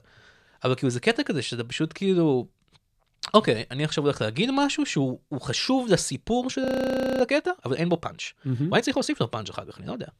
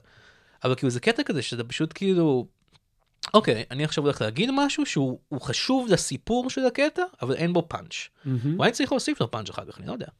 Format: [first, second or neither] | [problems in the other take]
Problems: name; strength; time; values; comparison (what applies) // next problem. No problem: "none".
second | audio freezing; at 6.5 s for 0.5 s